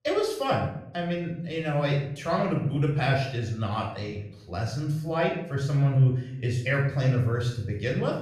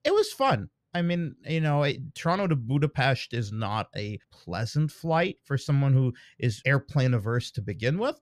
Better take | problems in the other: second | off-mic speech; far // room echo; noticeable; dies away in 0.6 s

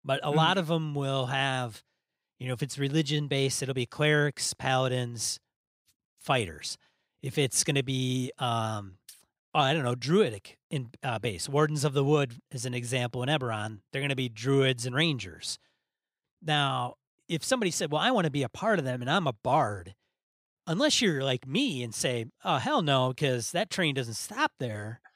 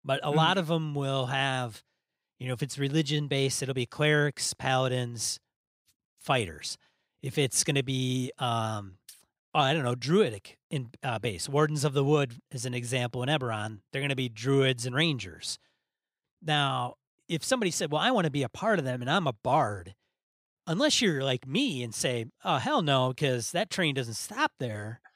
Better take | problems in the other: neither | none

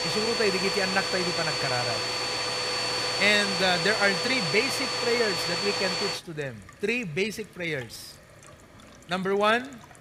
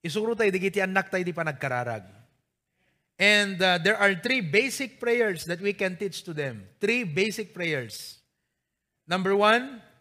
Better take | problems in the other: second | household noises; very loud; throughout; as loud as the speech

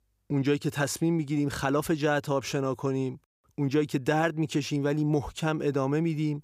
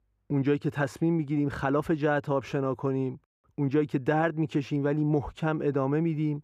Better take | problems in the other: first | muffled; slightly; fading above 3 kHz

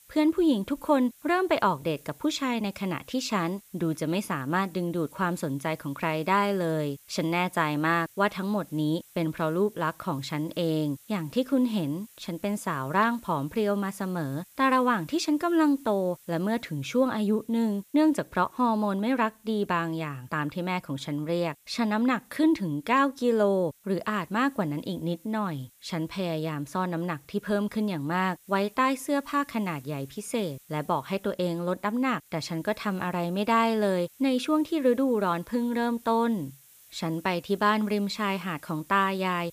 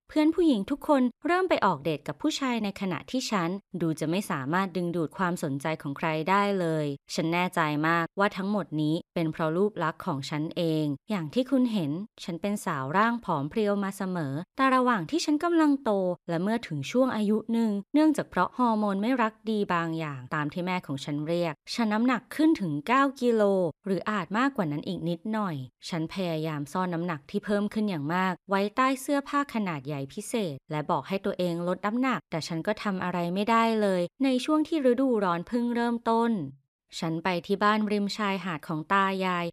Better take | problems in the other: second | hiss; faint; throughout; 25 dB below the speech

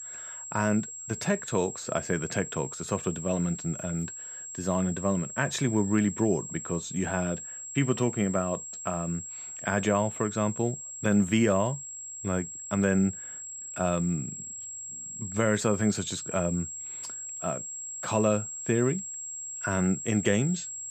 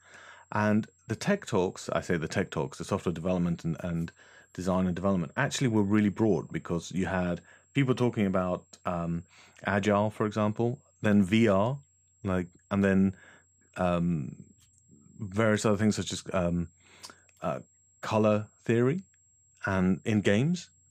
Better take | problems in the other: second | high-pitched whine; loud; throughout; 7.5 kHz, 8 dB below the speech; faint in the second

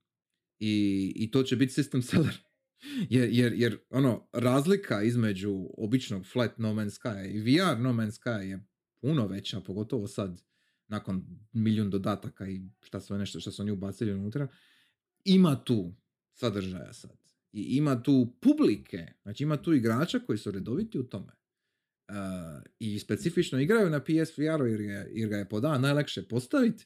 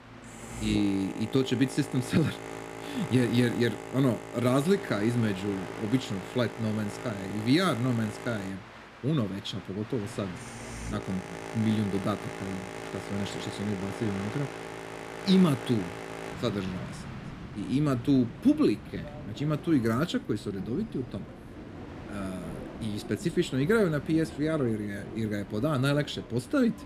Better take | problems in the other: first | train or aircraft noise; noticeable; throughout; 10 dB below the speech

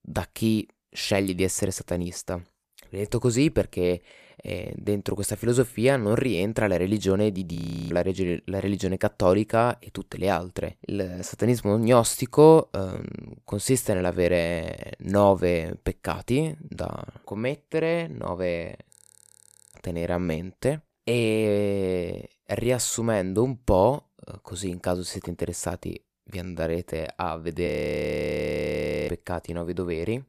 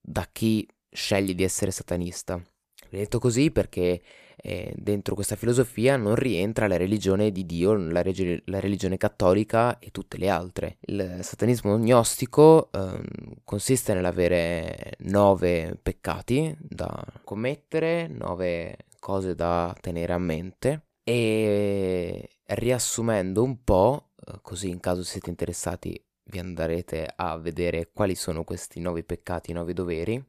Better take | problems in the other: second | audio freezing; at 7.5 s, at 19 s for 1 s and at 28 s for 1.5 s

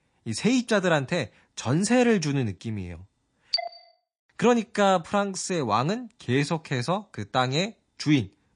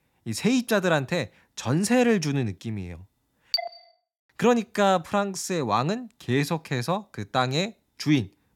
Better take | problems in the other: second | garbled, watery; slightly; nothing above 8.5 kHz

